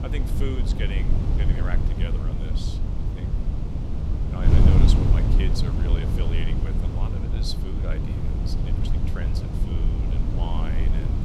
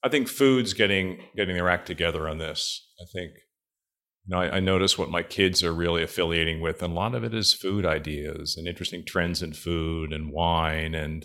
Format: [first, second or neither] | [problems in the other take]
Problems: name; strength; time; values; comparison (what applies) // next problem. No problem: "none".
second | wind noise on the microphone; heavy; 1 dB above the speech